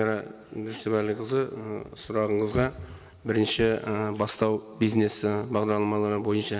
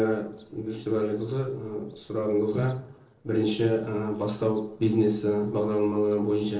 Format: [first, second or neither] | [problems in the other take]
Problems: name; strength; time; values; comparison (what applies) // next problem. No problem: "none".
first | noise reduction (neural separator model SepFormer DNS4)